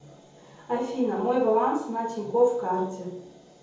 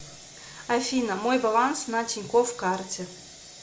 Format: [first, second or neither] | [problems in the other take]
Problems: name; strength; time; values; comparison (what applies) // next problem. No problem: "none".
second | room echo; dies away in 0.7 s